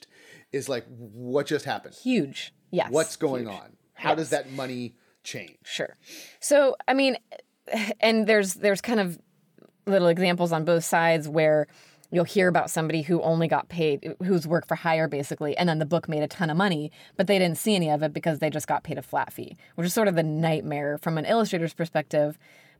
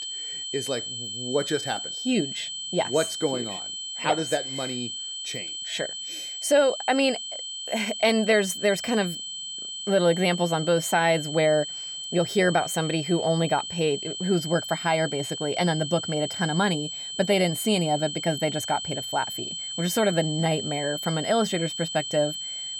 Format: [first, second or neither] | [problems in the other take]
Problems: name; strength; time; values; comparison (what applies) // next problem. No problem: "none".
first | high-pitched whine; loud; throughout; 3 kHz, 6 dB below the speech